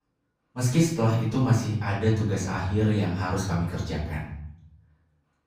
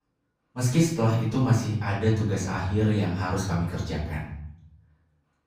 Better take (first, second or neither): neither